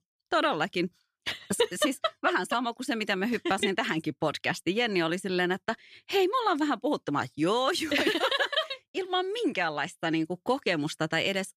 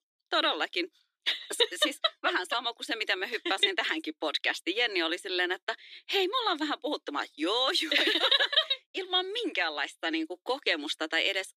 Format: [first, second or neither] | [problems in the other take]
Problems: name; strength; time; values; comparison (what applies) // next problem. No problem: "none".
first | thin; somewhat; fading below 300 Hz